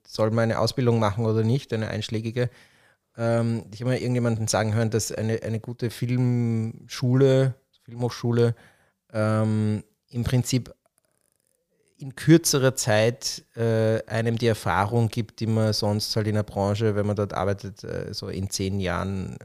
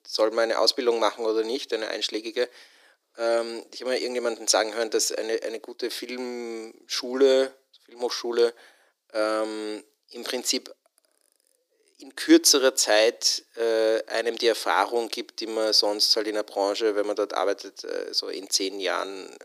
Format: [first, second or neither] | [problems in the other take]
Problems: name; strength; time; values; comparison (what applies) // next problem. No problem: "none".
first | thin; very; fading below 300 Hz